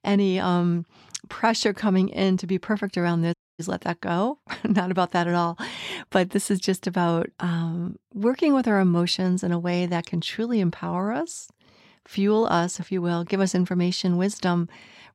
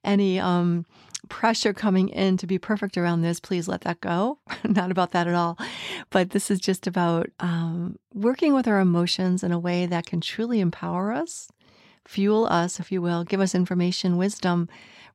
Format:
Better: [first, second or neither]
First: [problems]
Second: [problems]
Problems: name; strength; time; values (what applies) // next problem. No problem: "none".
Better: second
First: audio cutting out; at 3.5 s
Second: none